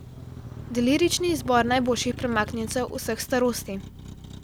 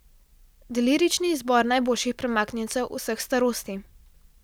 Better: second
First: background sound (Motor vehicle (road)); 12 dB below the speech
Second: none

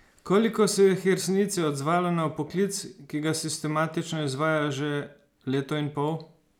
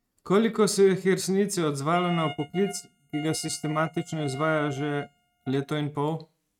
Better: first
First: none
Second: noise reduction (neural mask model RNNoise)

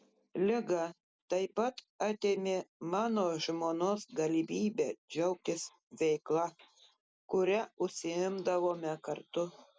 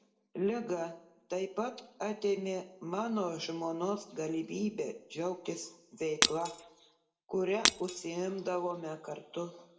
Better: first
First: none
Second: background sound (Shatter); 4 dB above the speech // room echo; dies away in 0.6 s

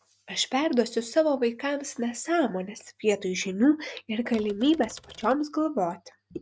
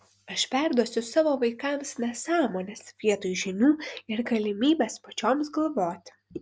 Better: second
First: noise reduction (neural mask model RNNoise)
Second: none

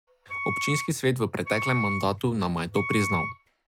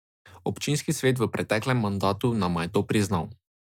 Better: second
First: background sound (Wind instrument, woodwind instrument); 6 dB below the speech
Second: none

